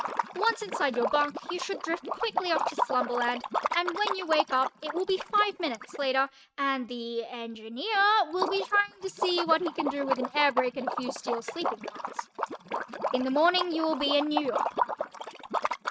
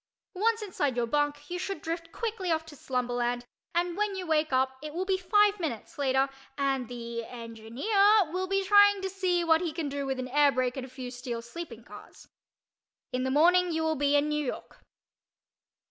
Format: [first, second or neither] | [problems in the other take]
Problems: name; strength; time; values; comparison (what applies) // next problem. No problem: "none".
second | noise reduction (neural mask model RNNoise)